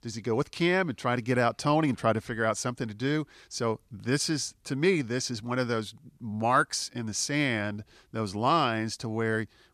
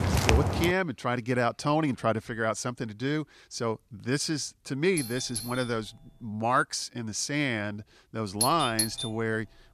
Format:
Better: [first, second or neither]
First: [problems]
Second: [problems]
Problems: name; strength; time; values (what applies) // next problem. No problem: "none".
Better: first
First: none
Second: footsteps; loud; at the start; peak 5 dB above the speech // doorbell; noticeable; at 5 s; peak 6 dB below the speech // doorbell; loud; at 8.5 s; peak 1 dB above the speech